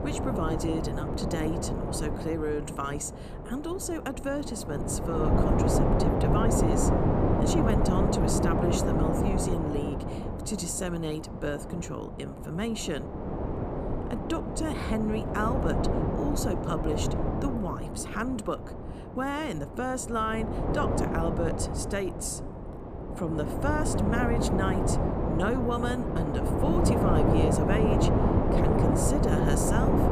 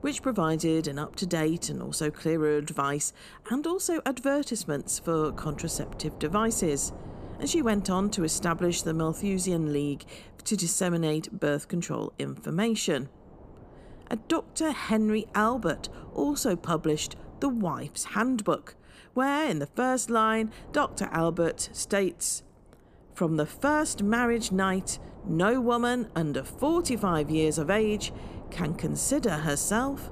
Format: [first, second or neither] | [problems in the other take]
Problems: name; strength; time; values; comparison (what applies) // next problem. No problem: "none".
second | wind noise on the microphone; heavy; 2 dB above the speech; occasional gusts in the second